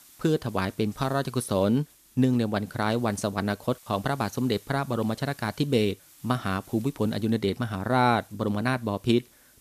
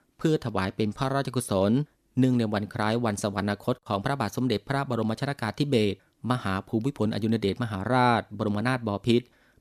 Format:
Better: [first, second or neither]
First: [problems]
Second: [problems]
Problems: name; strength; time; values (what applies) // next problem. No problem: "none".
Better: second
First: hiss; faint; throughout; 25 dB below the speech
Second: none